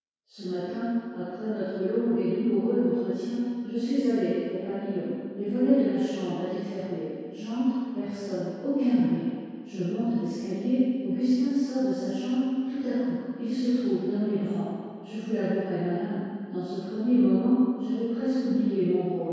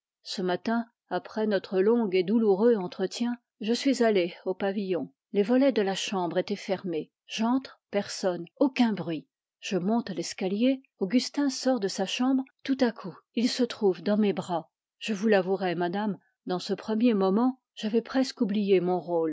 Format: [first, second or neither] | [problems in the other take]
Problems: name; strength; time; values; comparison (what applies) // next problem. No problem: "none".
second | room echo; dies away in 2 s